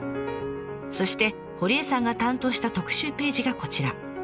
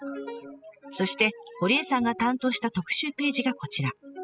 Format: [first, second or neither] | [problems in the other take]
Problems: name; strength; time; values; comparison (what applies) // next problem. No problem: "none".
first | noise reduction (classical method spectral subtraction)